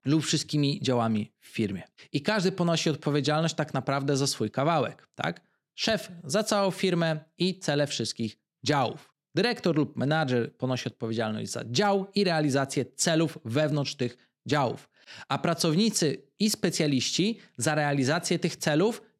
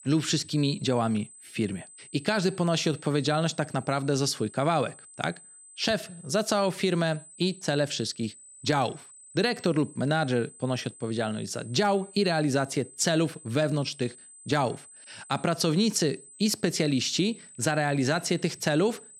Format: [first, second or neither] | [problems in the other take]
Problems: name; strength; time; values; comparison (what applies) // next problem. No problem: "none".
first | high-pitched whine; noticeable; throughout; 8 kHz, 20 dB below the speech